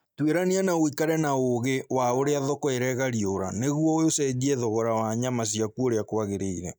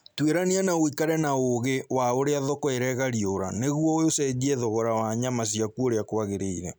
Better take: second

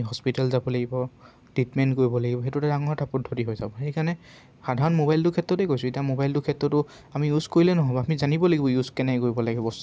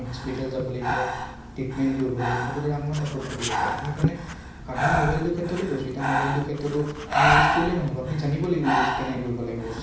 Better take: first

